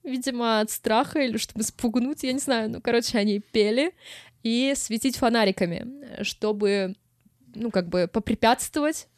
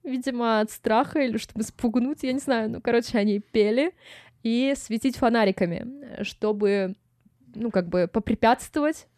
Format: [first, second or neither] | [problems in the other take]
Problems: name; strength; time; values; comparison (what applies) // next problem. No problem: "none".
first | muffled; slightly; fading above 3 kHz